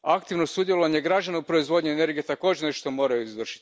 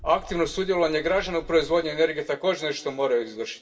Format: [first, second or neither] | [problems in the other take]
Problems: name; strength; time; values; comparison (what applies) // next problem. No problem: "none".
first | background sound (Bird); 19 dB below the speech // room echo; dies away in 0.7 s